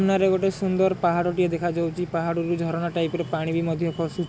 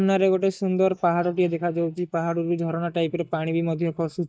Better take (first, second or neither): first